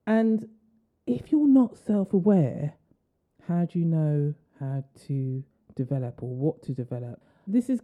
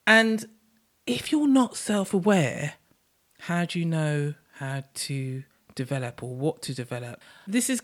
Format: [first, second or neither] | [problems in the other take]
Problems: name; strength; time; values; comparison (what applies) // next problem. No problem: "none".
second | muffled; very; fading above 1 kHz